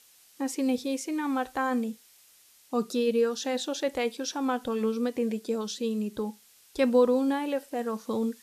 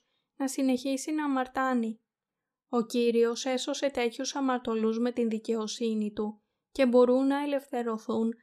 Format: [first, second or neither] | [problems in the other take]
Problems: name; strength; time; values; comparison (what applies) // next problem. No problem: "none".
second | hiss; faint; throughout; 25 dB below the speech